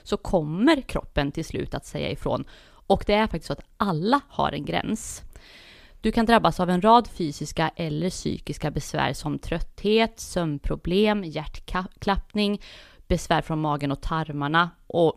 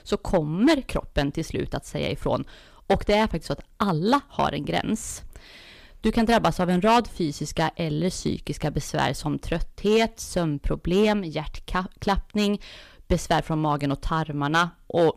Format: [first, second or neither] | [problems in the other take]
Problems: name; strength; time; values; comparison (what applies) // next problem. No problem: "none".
first | distortion; slight; 2% of the sound clipped